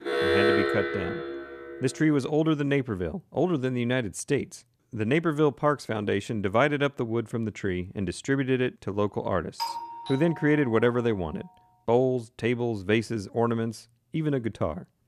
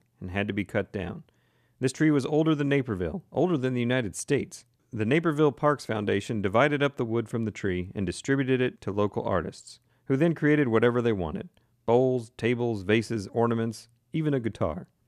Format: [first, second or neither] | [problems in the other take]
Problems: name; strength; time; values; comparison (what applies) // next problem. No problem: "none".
second | alarm; loud; until 2 s; peak 5 dB above the speech // doorbell; noticeable; from 9.5 to 11 s; peak 6 dB below the speech